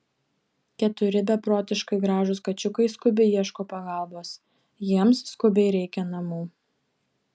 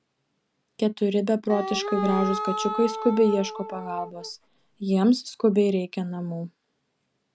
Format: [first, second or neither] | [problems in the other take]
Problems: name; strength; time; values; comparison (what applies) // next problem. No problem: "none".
first | background sound (Wind instrument, woodwind instrument); 6 dB below the speech